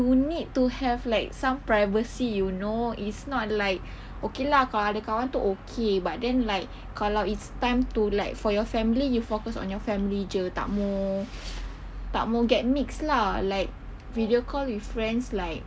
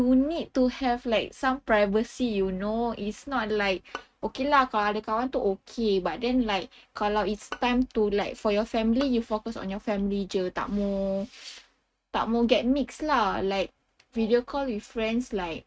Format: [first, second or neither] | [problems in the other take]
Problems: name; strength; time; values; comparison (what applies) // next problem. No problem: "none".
first | noise reduction (neural mask model RNNoise)